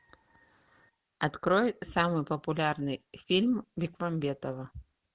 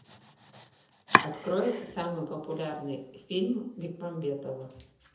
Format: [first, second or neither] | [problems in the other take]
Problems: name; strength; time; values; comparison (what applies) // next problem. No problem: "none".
first | background sound (Domestic sounds, home sounds); 1 dB below the speech // room echo; dies away in 0.7 s